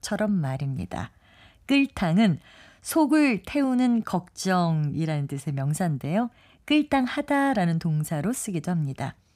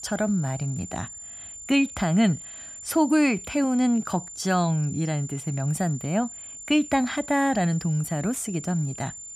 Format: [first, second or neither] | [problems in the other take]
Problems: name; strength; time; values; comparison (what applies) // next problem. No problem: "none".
first | high-pitched whine; noticeable; throughout; 7 kHz, 10 dB below the speech